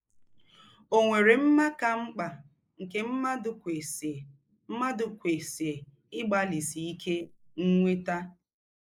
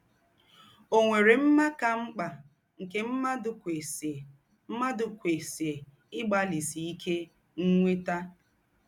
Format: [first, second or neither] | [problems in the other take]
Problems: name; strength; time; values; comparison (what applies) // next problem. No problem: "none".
second | noise reduction (neural mask model Resemble Enhance denoiser)